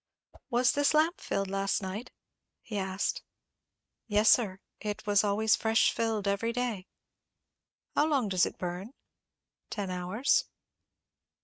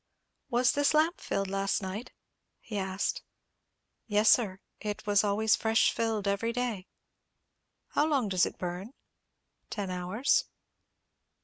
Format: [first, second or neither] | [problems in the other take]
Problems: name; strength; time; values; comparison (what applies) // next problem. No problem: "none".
second | noise reduction (neural mask model RNNoise)